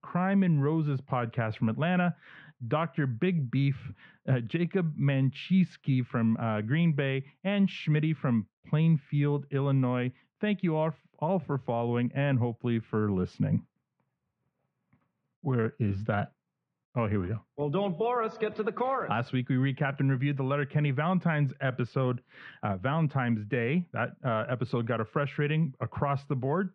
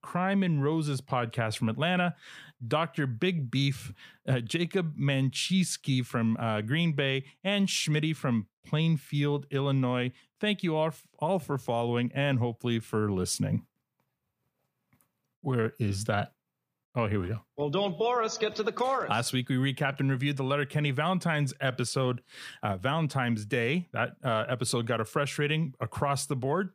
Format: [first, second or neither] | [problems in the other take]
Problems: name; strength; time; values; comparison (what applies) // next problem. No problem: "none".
second | muffled; very; fading above 2.5 kHz